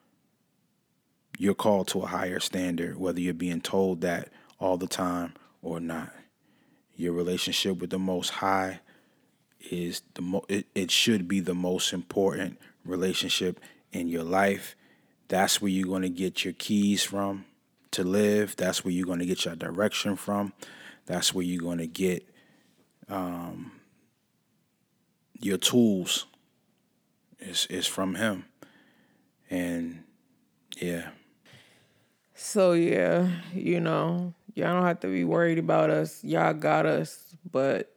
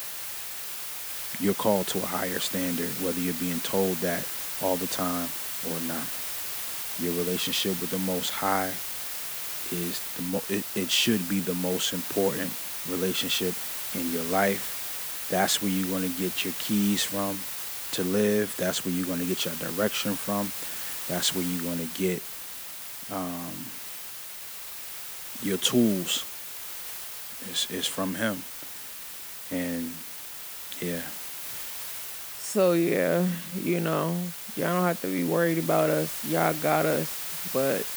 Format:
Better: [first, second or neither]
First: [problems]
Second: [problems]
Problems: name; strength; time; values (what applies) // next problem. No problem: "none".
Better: first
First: none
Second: hiss; loud; throughout; 4 dB below the speech